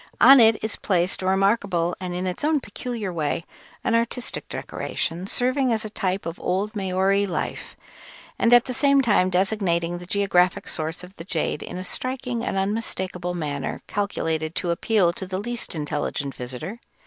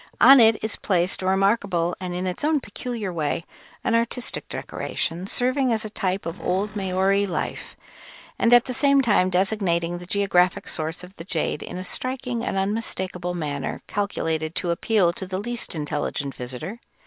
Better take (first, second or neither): first